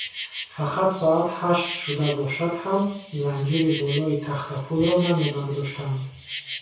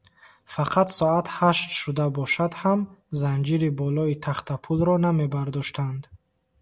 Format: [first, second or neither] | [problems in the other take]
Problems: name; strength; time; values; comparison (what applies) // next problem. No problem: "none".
second | background sound (Insect); 13 dB below the speech // room echo; dies away in 0.6 s